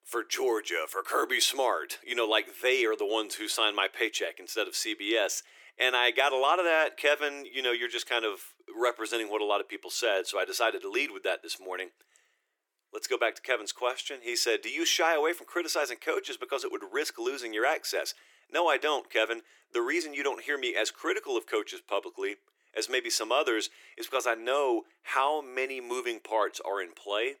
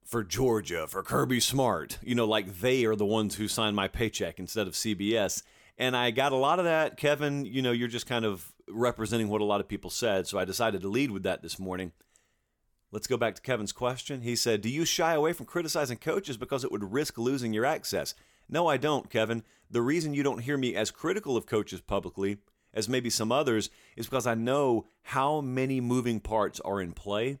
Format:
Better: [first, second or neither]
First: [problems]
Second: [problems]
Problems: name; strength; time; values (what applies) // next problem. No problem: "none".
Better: second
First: thin; very; fading below 350 Hz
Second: none